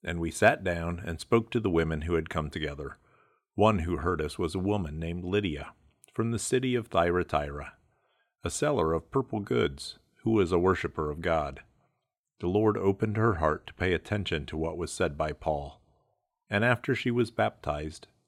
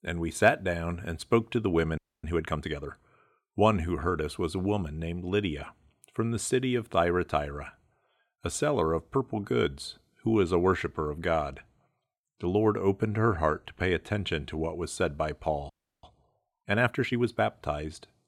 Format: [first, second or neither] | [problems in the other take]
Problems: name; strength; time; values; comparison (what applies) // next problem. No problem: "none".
first | audio freezing; at 2 s and at 16 s